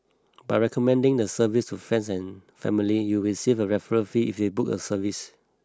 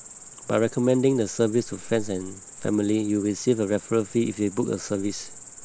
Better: first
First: none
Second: background sound (Cricket); 16 dB below the speech

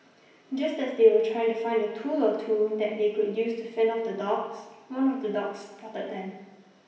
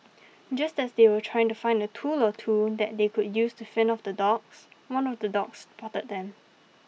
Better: second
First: room echo; dies away in 0.9 s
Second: none

